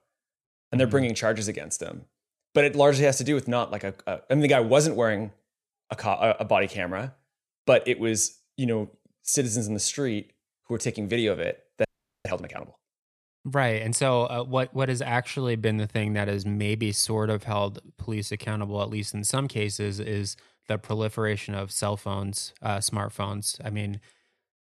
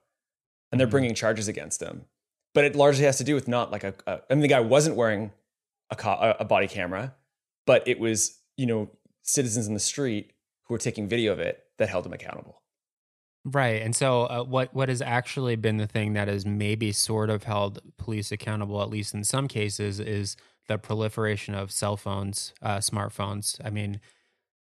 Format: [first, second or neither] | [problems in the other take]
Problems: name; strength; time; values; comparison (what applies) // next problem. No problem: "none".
second | audio freezing; at 12 s